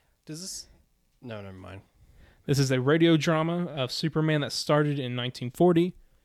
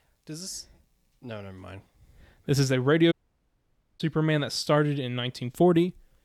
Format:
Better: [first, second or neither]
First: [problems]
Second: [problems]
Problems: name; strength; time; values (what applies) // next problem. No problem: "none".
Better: first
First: none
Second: audio cutting out; at 3 s for 1 s